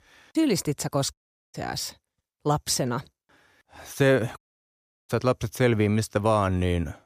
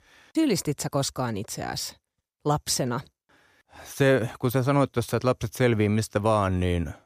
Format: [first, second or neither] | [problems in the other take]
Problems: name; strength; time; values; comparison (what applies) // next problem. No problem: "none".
second | audio cutting out; at 1 s and at 4.5 s for 0.5 s